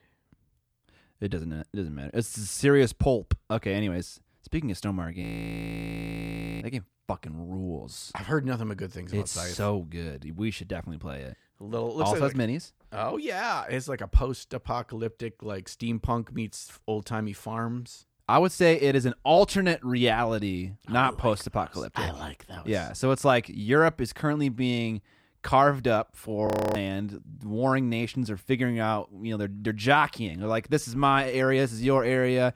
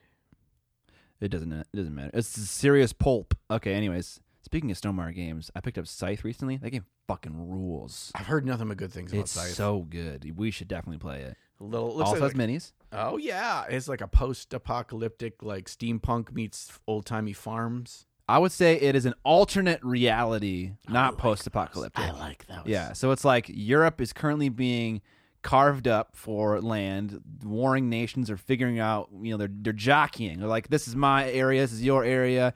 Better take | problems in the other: second | audio freezing; at 5 s for 1.5 s and at 26 s

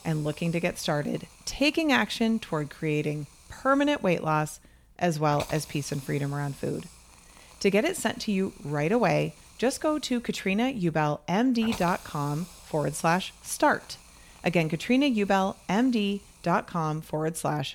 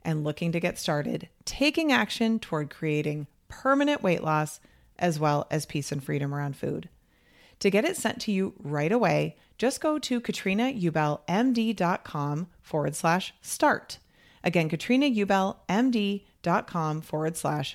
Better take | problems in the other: second | hiss; faint; throughout; 20 dB below the speech

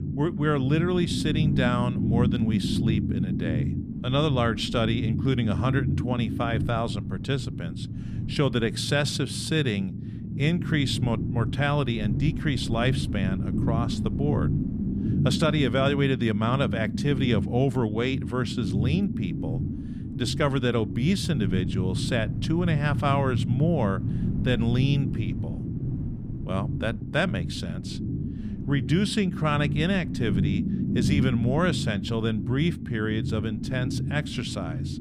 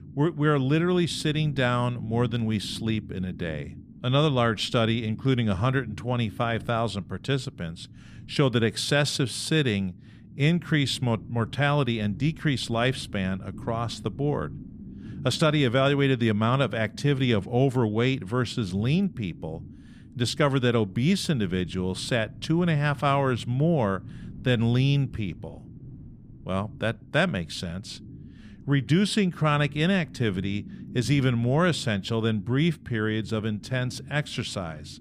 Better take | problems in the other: second | low rumble; loud; throughout; 8 dB below the speech; faint in the second

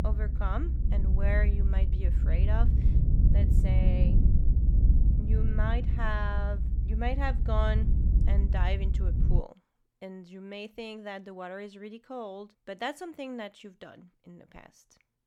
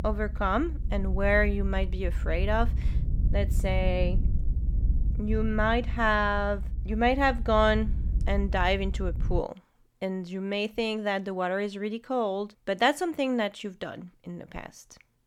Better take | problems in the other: second | low rumble; loud; until 9.5 s; 6 dB below the speech; faint in the second

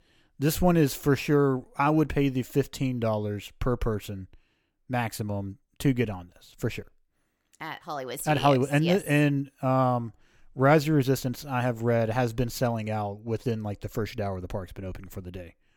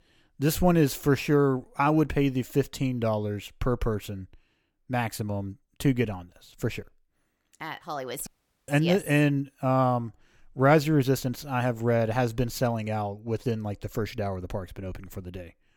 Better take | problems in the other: first | audio cutting out; at 8.5 s

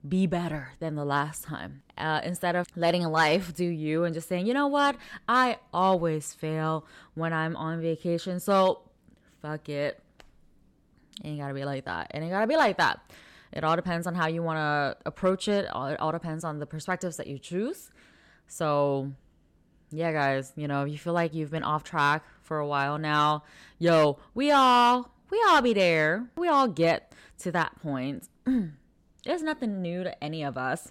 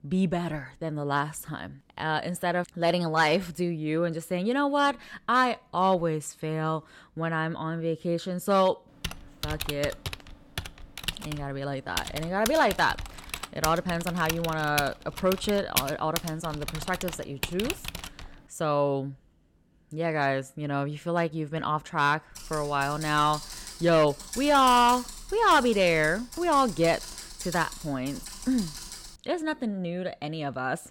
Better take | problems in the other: first | keyboard typing; noticeable; from 9 to 18 s and from 22 to 29 s; peak 1 dB below the speech

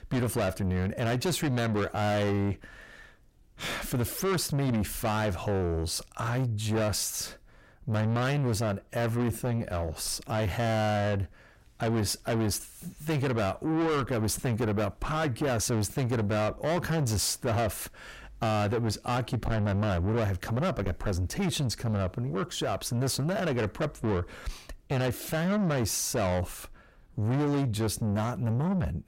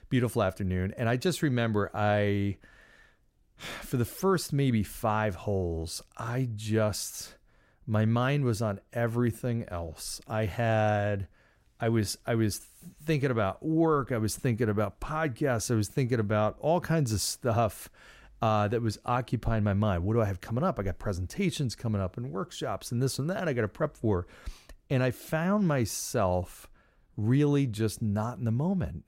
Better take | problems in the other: second | distortion; heavy; 7 dB below the speech

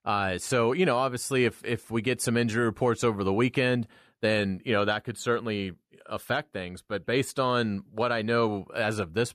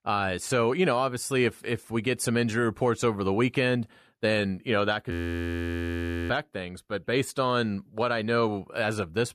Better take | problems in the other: first | audio freezing; at 5 s for 1 s

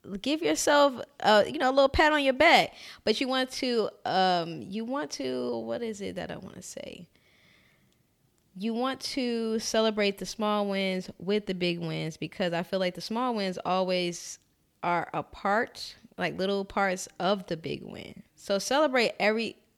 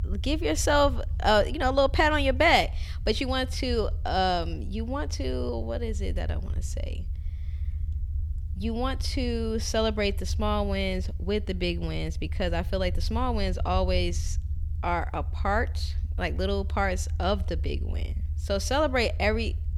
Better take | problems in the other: first | low rumble; faint; throughout; 25 dB below the speech

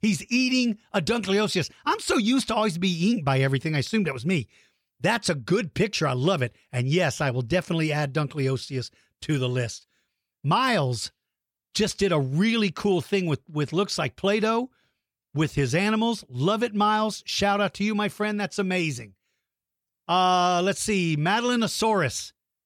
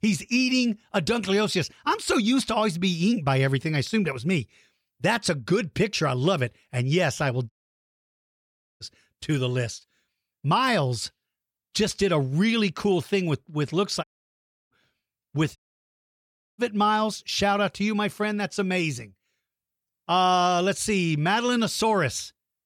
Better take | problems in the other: first | audio cutting out; at 7.5 s for 1.5 s, at 14 s for 0.5 s and at 16 s for 1 s

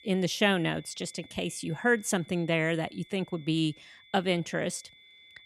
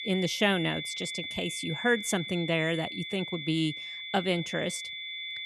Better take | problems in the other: first | high-pitched whine; loud; throughout; 3.5 kHz, 6 dB below the speech; faint in the first

